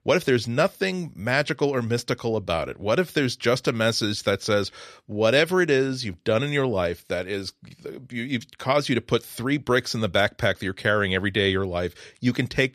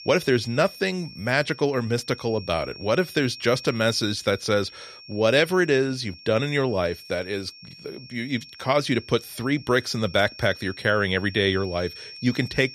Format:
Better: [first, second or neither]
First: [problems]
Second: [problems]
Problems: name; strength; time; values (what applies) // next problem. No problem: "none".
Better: first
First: none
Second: high-pitched whine; noticeable; throughout; 5.5 kHz, 15 dB below the speech